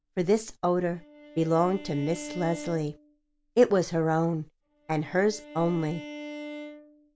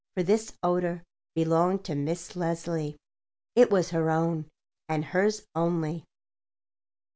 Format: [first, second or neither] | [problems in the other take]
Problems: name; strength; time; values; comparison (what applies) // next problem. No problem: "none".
second | background sound (Bowed string instrument); 16 dB below the speech